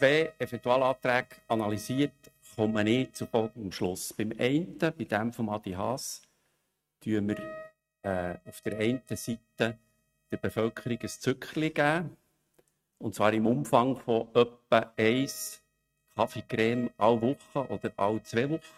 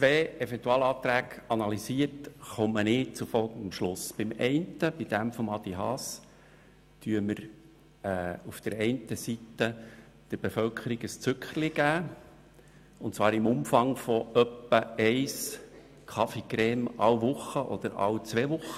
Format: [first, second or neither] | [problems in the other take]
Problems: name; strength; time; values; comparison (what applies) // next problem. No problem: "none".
second | noise reduction (neural mask model RNNoise)